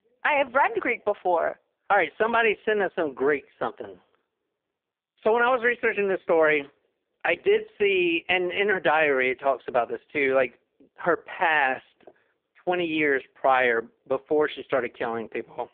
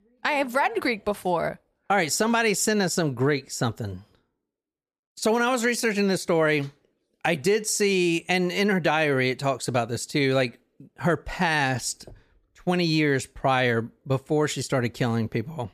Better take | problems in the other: second | phone-call audio; poor line

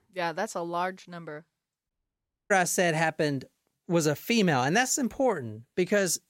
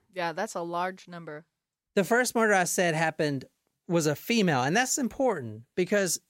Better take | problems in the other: second | audio cutting out; at 2 s for 0.5 s

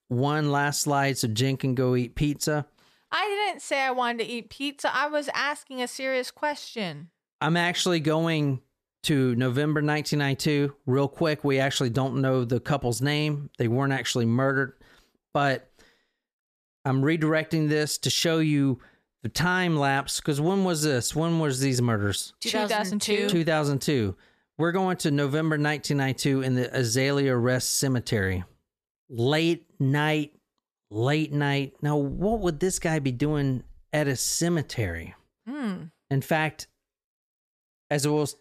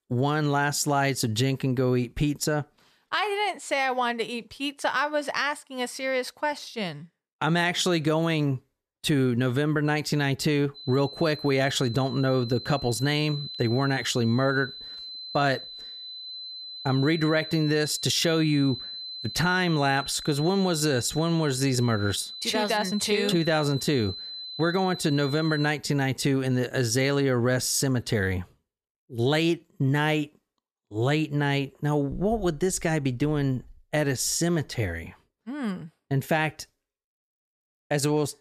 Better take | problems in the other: first | high-pitched whine; noticeable; from 11 to 26 s; 4 kHz, 10 dB below the speech

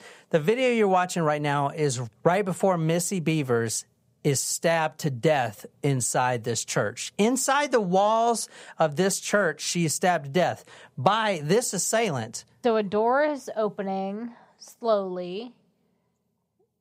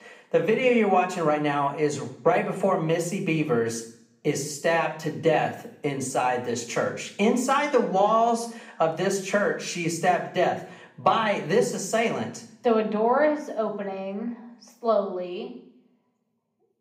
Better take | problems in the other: first | room echo; slight; dies away in 0.6 s // off-mic speech; somewhat distant

